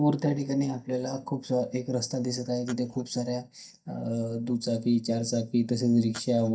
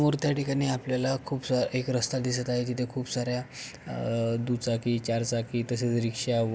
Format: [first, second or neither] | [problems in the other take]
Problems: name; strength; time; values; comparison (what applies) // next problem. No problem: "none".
second | noise reduction (neural mask model DeepFilterNet 3)